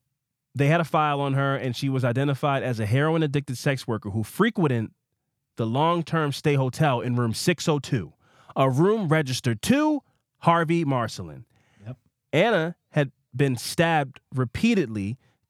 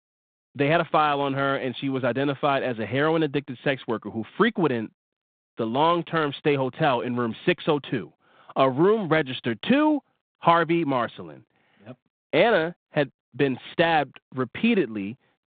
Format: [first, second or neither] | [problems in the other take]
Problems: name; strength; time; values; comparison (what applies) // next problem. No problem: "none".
first | phone-call audio; nothing above 3.5 kHz